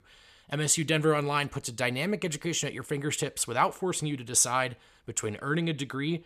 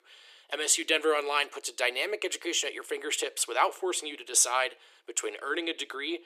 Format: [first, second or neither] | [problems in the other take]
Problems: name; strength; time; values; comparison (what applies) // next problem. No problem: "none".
first | thin; very; fading below 350 Hz